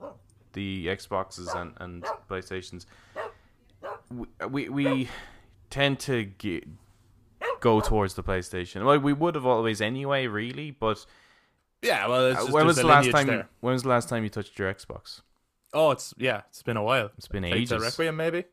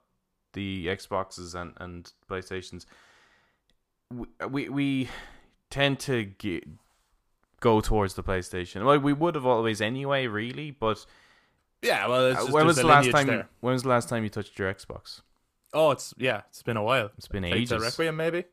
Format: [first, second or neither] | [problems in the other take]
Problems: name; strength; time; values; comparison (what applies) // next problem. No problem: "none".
second | dog barking; noticeable; until 8 s; peak 7 dB below the speech